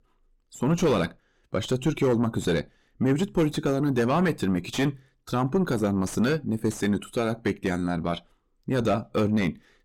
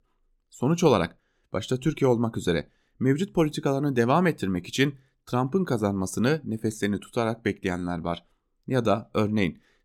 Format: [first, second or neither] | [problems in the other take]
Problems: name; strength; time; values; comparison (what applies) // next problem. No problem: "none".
second | distortion; heavy; 7 dB below the speech